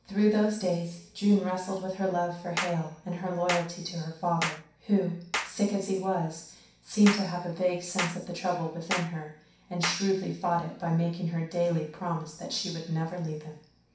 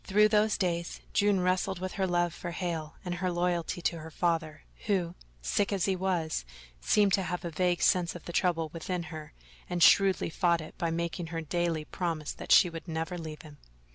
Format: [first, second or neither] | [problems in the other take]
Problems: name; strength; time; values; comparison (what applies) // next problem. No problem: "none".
second | background sound (Clapping); 8 dB below the speech // room echo; dies away in 0.6 s